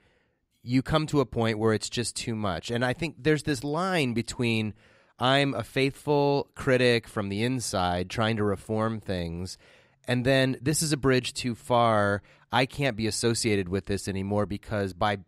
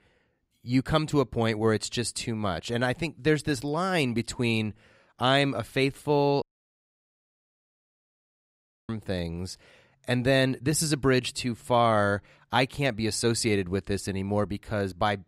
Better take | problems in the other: first | audio cutting out; at 6.5 s for 2.5 s

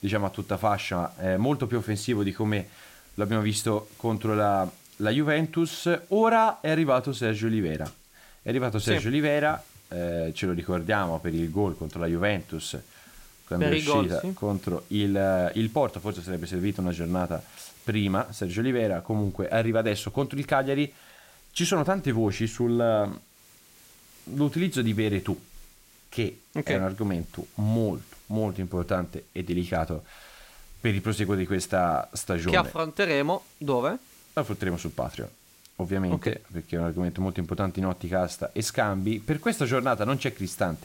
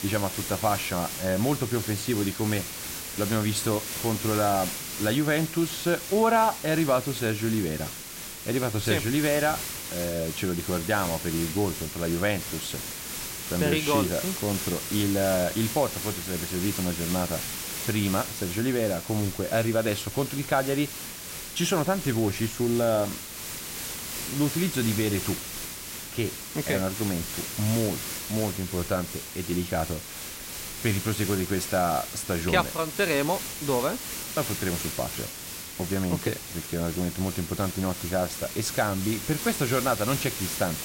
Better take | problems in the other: first | hiss; loud; throughout; 5 dB below the speech; faint in the first

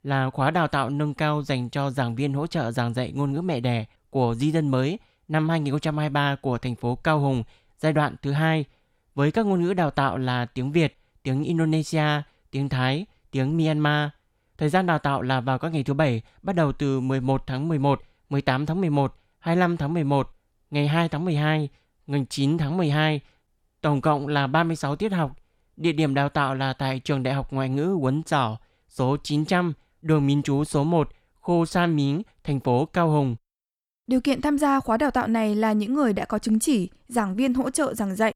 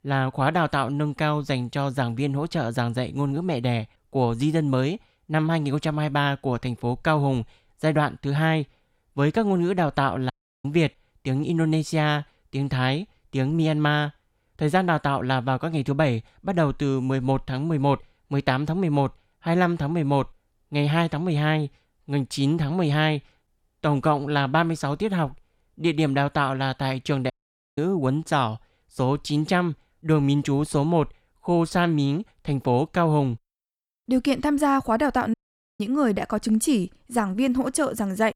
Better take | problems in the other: first | audio cutting out; at 10 s, at 27 s and at 35 s

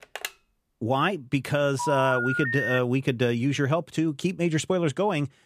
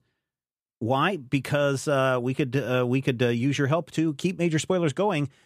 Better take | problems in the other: second | phone ringing; faint; at the start; peak 10 dB below the speech // phone ringing; noticeable; from 2 to 3 s; peak 1 dB below the speech

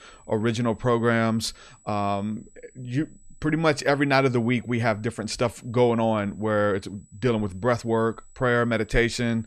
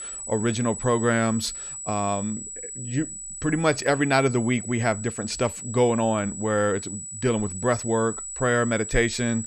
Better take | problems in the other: first | high-pitched whine; loud; throughout; 8 kHz, 8 dB below the speech; faint in the first

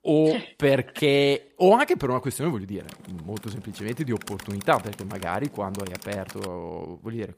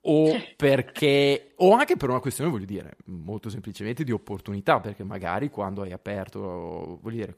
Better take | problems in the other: second | keyboard typing; faint; from 3 to 6.5 s; peak 15 dB below the speech

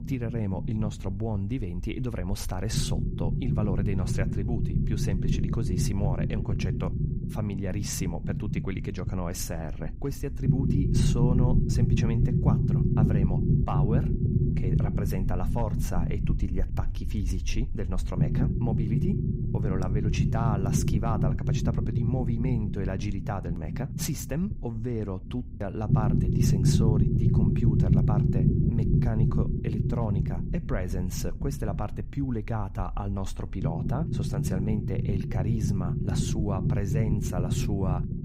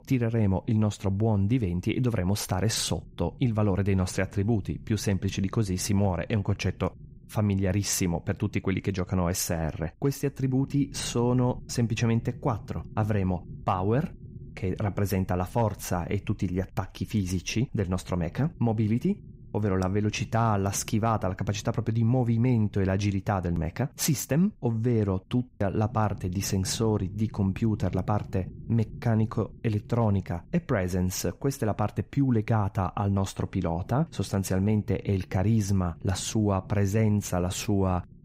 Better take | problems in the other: second | low rumble; loud; throughout; as loud as the speech; faint in the second

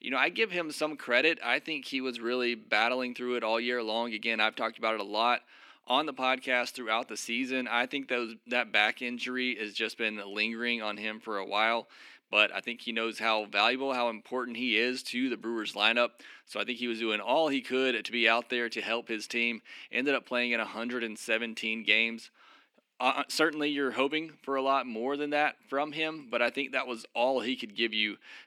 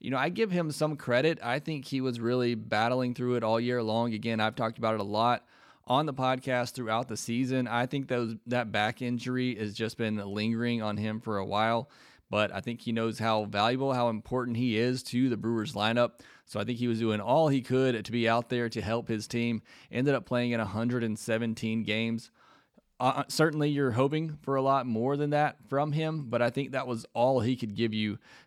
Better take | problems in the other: second | thin; very slightly; fading below 300 Hz

